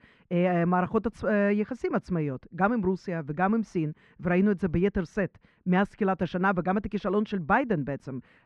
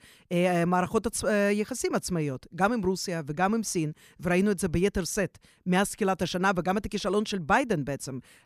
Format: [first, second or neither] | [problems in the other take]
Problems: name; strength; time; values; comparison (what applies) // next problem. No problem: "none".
second | muffled; very; fading above 2 kHz